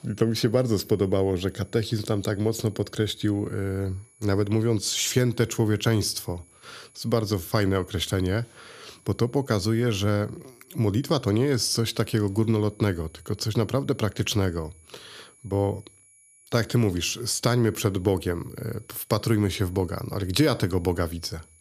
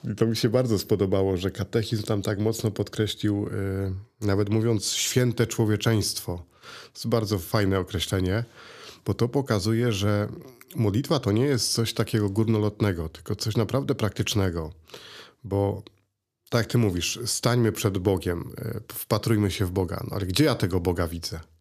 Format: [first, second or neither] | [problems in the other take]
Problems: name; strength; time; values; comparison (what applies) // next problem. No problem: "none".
second | high-pitched whine; faint; throughout; 10.5 kHz, 30 dB below the speech